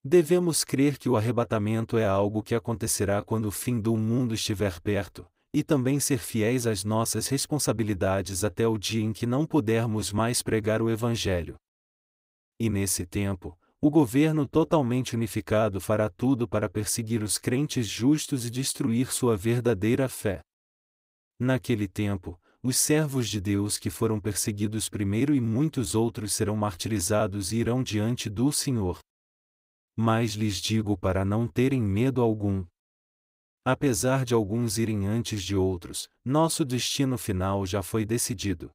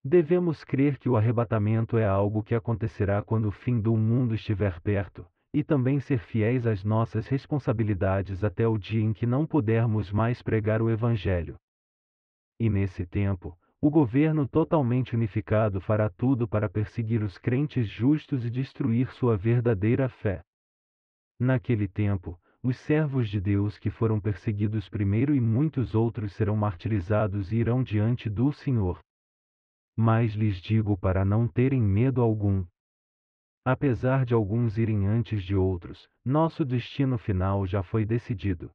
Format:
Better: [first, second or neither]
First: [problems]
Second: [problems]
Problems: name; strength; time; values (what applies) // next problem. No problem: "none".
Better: first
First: none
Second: muffled; very; fading above 2.5 kHz